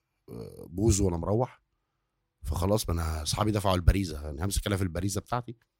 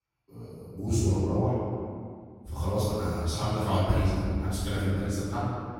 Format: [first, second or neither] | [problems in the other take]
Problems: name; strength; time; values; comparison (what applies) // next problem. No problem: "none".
first | off-mic speech; far // room echo; strong; dies away in 1.9 s